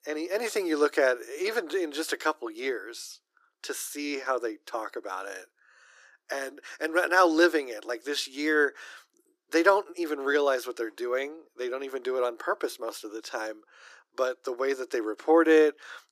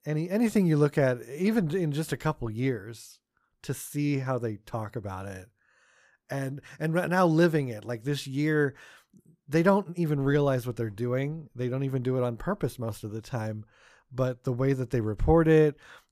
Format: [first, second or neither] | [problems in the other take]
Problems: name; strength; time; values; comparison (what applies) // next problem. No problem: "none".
second | thin; very; fading below 300 Hz